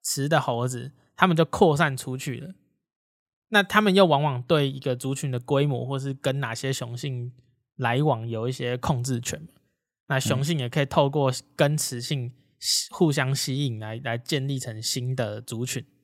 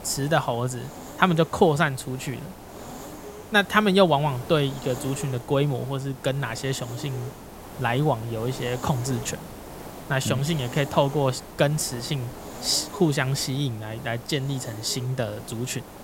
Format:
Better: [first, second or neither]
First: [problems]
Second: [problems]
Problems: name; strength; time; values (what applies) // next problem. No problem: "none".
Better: first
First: none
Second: hiss; noticeable; throughout; 15 dB below the speech